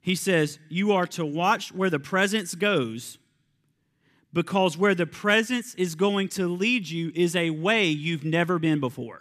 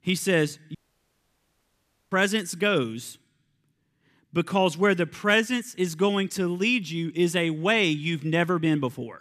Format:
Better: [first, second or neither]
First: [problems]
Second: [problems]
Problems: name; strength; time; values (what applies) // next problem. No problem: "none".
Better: first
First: none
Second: audio cutting out; at 1 s for 1.5 s